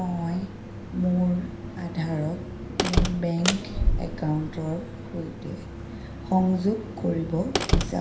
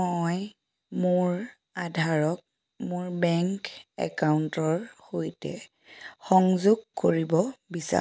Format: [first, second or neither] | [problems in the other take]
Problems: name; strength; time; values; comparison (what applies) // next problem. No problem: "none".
second | background sound (Slam); 1 dB below the speech // room echo; dies away in 0.5 s